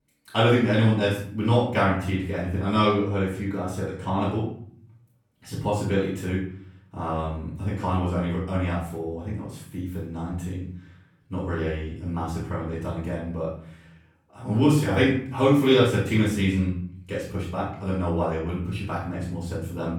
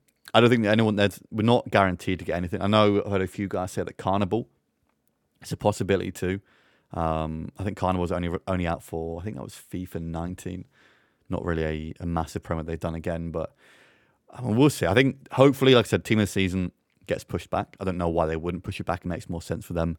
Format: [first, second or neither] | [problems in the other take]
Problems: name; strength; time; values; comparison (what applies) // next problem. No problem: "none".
second | off-mic speech; far // room echo; noticeable; dies away in 0.5 s